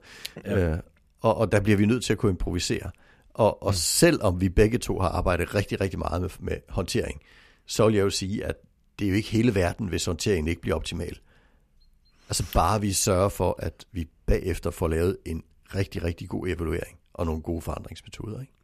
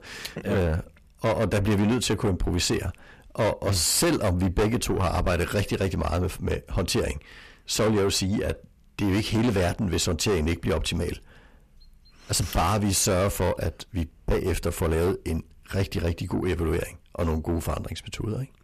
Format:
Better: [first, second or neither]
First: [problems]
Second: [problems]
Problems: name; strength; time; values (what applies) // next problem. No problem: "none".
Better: first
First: none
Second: distortion; heavy; 6 dB below the speech